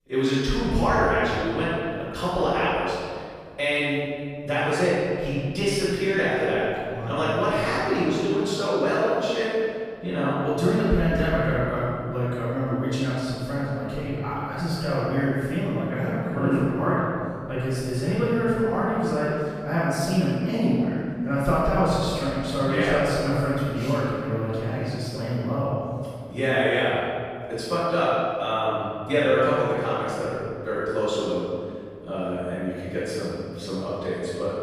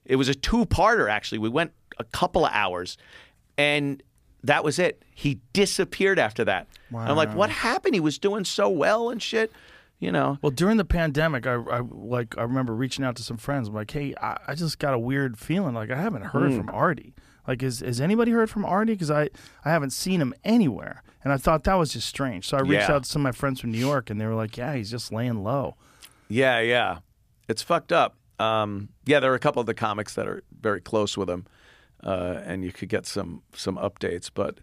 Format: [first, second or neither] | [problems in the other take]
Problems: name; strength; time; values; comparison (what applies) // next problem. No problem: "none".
second | off-mic speech; far // room echo; strong; dies away in 2.1 s